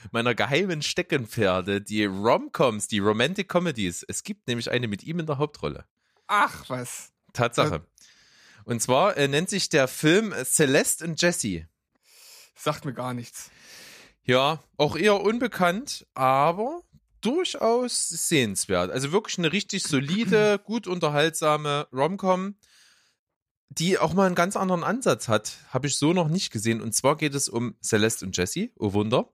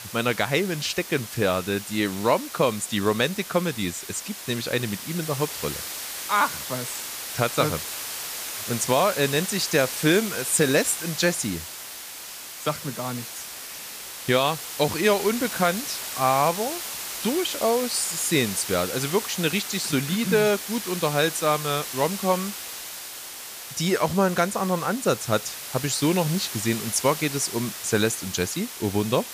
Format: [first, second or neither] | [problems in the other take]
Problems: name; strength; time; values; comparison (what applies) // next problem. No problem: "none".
first | hiss; loud; throughout; 7 dB below the speech